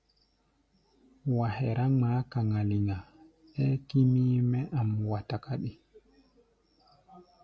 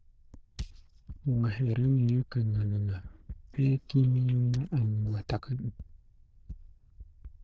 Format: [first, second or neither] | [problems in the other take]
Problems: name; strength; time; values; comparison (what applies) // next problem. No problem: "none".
first | noise reduction (neural diffusion model UNIVERSE++)